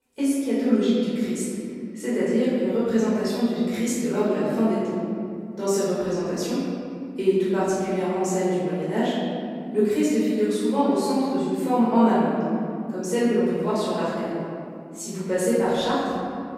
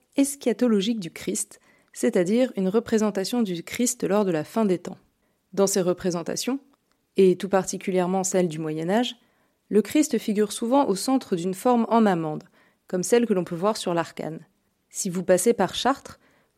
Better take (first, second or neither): second